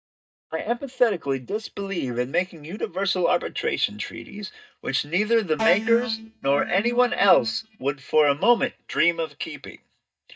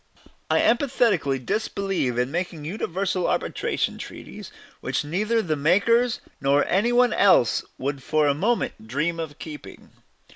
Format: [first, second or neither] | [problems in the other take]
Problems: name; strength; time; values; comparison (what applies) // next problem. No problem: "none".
second | noise reduction (neural mask model DeepFilterNet 3)